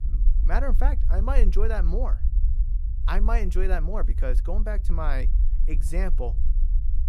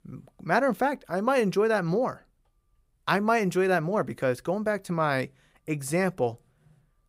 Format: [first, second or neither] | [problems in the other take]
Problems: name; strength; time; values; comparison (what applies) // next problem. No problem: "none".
second | low rumble; noticeable; throughout; 15 dB below the speech